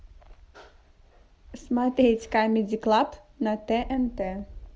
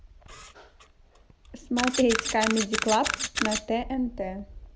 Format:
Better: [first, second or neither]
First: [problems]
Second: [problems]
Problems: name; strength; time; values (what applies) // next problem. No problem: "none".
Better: first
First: none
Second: background sound (Camera); 4 dB below the speech